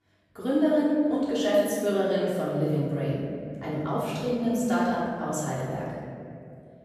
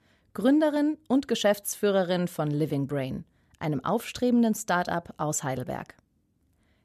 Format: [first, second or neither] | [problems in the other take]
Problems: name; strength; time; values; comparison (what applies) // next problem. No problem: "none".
second | off-mic speech; far // room echo; strong; dies away in 2.5 s